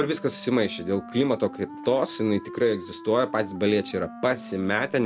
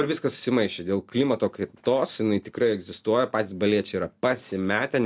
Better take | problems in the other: second | background sound (Wind instrument, woodwind instrument); 15 dB below the speech

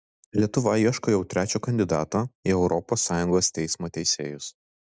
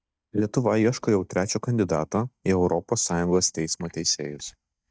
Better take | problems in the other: first | noise reduction (neural mask model DeepFilterNet 3)

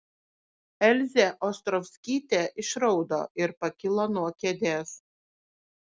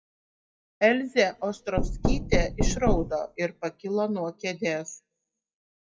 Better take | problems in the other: first | noise reduction (classical method WPE with log-MMSE)

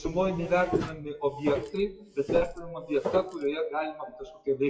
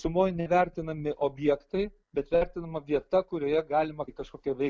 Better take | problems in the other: second | noise reduction (classical method WPE with log-MMSE)

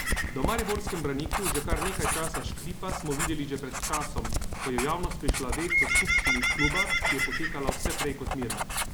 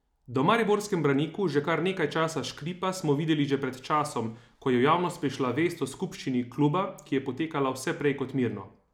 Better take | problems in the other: second | background sound (Writing + Bird); 5 dB above the speech

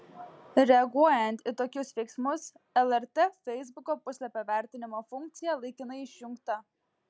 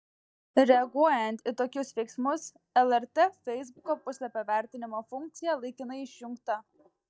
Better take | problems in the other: first | noise reduction (neural mask model DeepFilterNet 3)

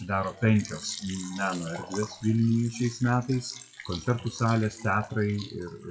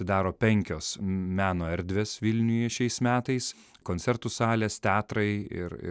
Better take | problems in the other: second | noise reduction (classical method WPE with log-MMSE)

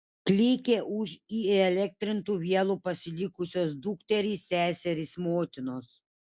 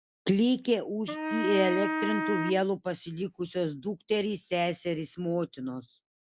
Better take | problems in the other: first | background sound (Wind instrument, woodwind instrument); 3 dB below the speech

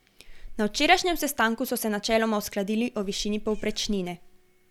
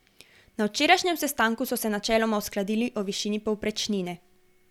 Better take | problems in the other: second | background sound (Meow); 12 dB below the speech

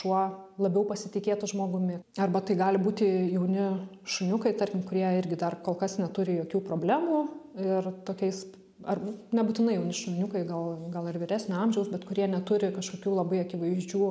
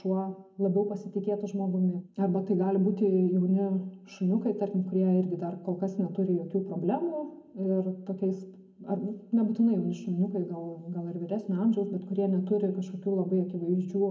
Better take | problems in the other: first | room echo; dies away in 0.3 s

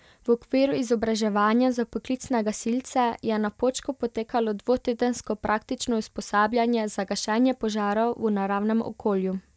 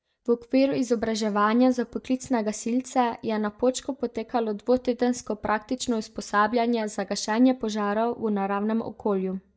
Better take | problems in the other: first | noise reduction (neural mask model DeepFilterNet 3)

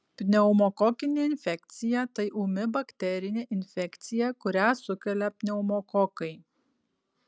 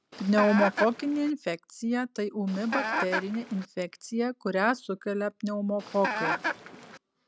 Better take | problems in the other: first | background sound (Chicken, rooster); 4 dB below the speech

